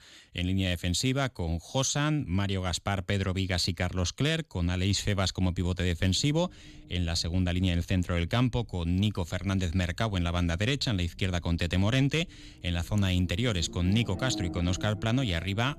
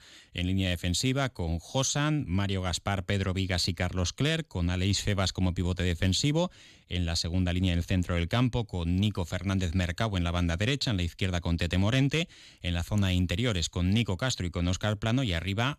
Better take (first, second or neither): second